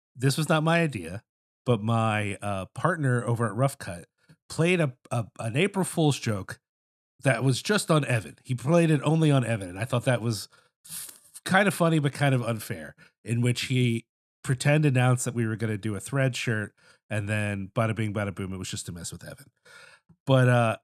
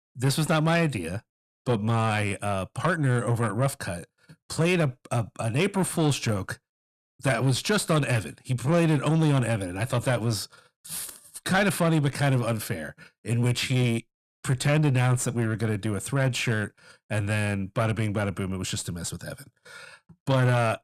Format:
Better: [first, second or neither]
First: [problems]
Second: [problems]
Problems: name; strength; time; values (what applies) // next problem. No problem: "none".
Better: first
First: none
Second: distortion; slight; 10 dB below the speech